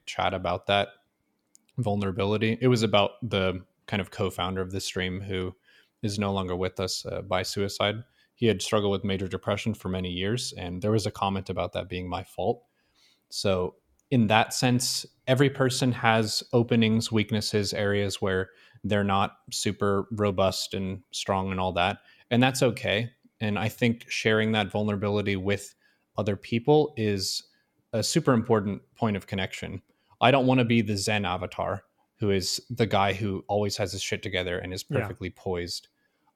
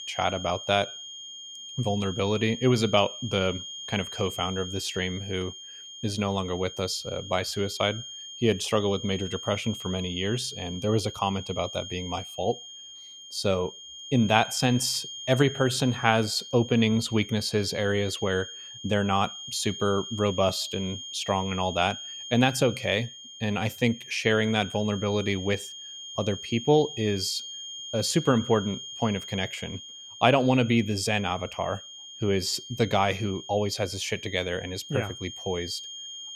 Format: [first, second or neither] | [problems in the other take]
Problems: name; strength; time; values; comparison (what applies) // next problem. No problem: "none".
first | high-pitched whine; noticeable; throughout; 3 kHz, 10 dB below the speech